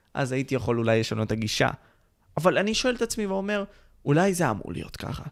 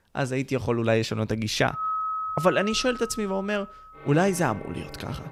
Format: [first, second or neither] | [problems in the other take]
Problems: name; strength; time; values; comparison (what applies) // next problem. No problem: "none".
first | background music; loud; from 2 s on; 8 dB below the speech